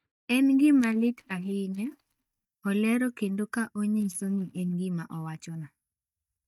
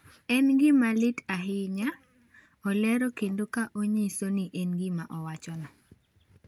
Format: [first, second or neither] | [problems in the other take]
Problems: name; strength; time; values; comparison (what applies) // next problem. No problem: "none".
second | noise reduction (neural mask model DeepFilterNet 3)